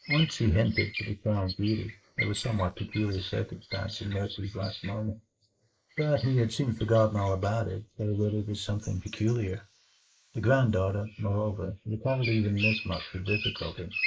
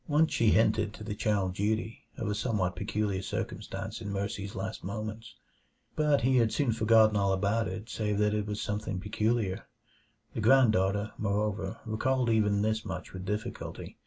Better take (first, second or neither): second